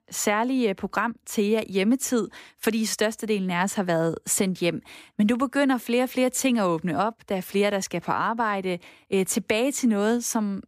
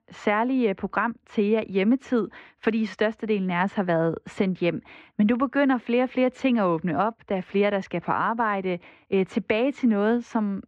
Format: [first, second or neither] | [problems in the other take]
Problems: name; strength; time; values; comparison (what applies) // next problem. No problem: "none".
first | muffled; very; fading above 2.5 kHz